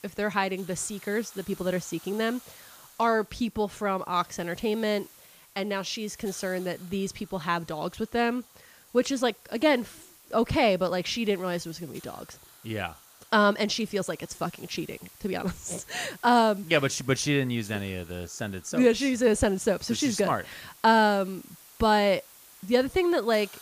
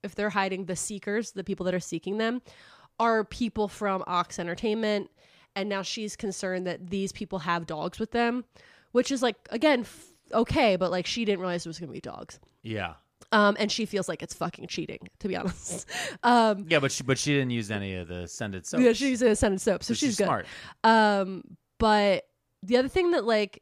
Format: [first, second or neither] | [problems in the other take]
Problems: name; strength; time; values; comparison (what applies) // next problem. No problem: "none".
second | hiss; faint; throughout; 25 dB below the speech